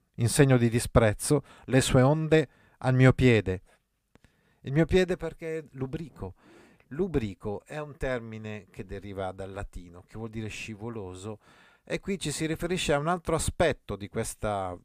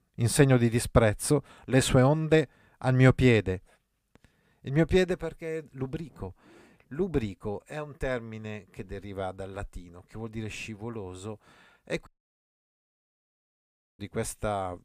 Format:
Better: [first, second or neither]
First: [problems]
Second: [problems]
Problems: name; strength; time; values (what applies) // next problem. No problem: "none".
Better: first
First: none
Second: audio cutting out; at 12 s for 2 s